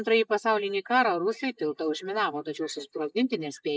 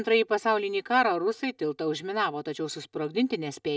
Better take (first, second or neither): second